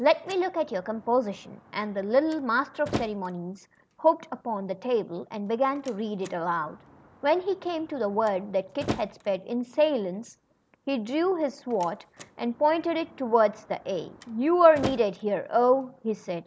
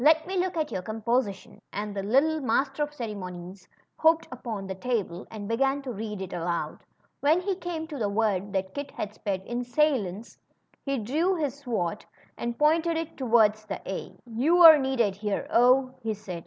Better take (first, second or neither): second